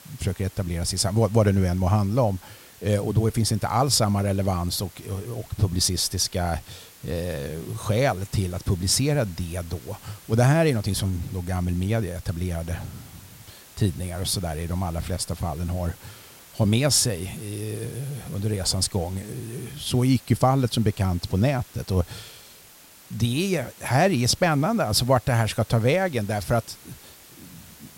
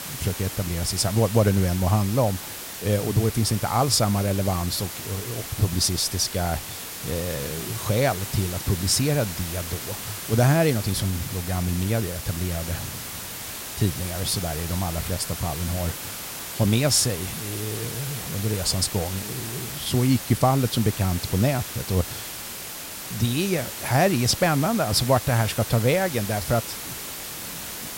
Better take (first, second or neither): first